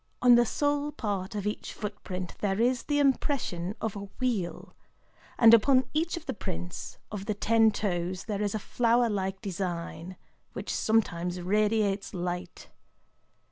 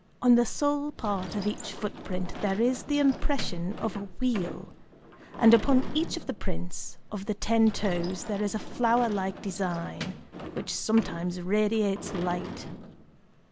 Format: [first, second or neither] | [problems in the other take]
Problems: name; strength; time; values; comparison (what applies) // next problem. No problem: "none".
first | background sound (Sliding door / Slam); 14 dB below the speech